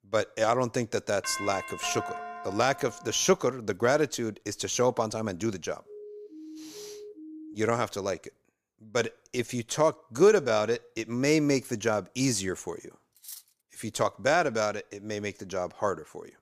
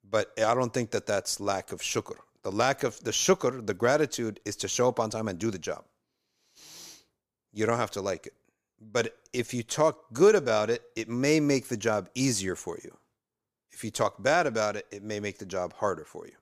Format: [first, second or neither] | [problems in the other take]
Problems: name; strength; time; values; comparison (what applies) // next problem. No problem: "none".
second | doorbell; noticeable; from 1 to 3 s; peak 7 dB below the speech // siren; faint; from 6 to 7.5 s; peak 15 dB below the speech // clattering dishes; faint; at 13 s; peak 15 dB below the speech